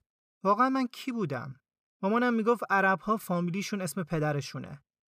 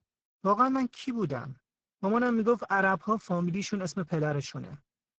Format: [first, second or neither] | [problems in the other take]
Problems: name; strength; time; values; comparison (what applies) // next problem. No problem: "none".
first | garbled, watery; badly; nothing above 7.5 kHz